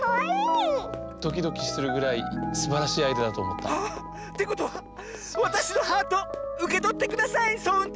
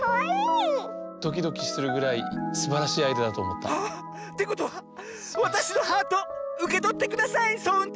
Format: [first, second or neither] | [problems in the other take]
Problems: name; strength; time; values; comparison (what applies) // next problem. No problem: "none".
second | background sound (Run + Engine starting); 16 dB below the speech